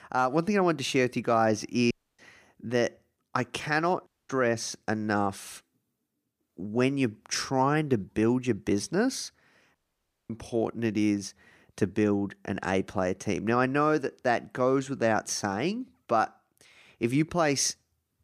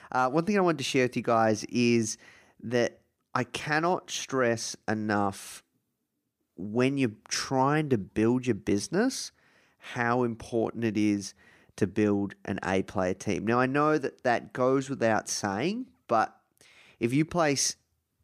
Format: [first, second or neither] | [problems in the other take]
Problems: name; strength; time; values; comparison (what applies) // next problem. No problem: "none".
second | audio cutting out; at 2 s, at 4 s and at 10 s for 0.5 s